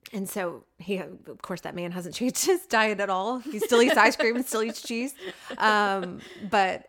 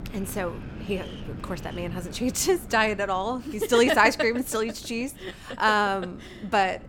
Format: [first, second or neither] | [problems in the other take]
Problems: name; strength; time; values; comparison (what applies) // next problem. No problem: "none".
first | wind noise on the microphone; occasional gusts; 25 dB below the speech